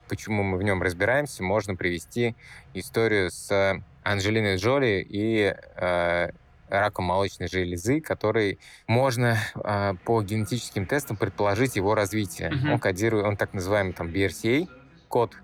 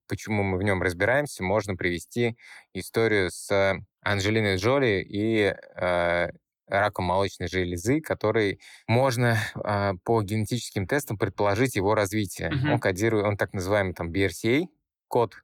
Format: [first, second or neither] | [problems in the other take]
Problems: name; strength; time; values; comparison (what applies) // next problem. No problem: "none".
second | train or aircraft noise; faint; throughout; 25 dB below the speech